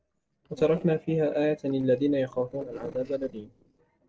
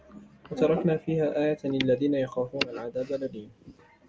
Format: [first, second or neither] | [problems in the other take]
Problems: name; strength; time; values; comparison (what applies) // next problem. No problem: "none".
second | noise reduction (neural separator model SepFormer DNS4)